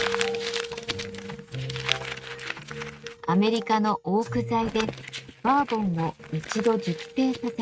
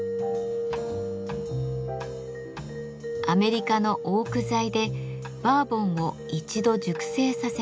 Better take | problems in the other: second | noise reduction (neural mask model RNNoise)

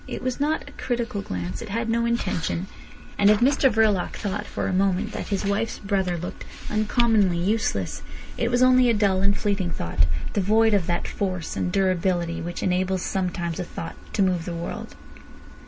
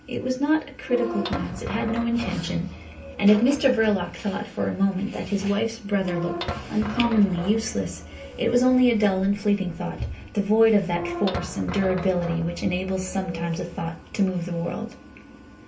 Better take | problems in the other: first | background sound (Squeak / Thump, thud); 10 dB below the speech // room echo; dies away in 0.3 s

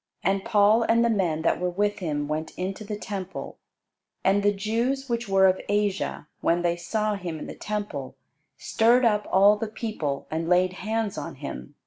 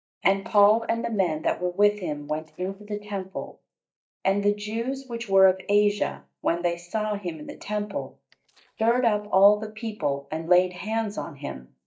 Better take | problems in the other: first | noise reduction (neural mask model DeepFilterNet 3)

